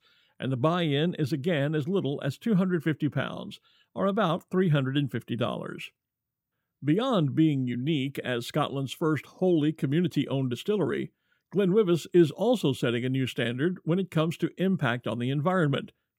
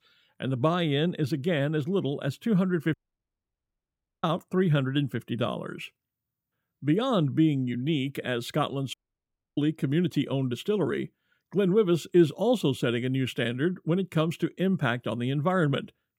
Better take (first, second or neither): first